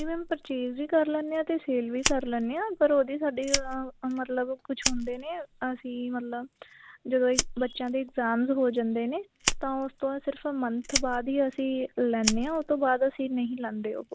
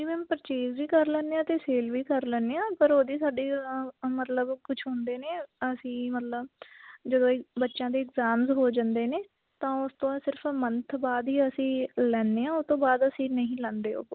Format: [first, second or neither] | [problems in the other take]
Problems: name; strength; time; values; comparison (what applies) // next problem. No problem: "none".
second | background sound (Fire); 8 dB below the speech